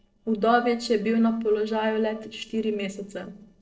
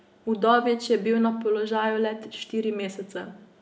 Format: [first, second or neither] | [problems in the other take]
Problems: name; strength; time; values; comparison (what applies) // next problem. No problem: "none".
second | noise reduction (neural separator model SepFormer DNS4)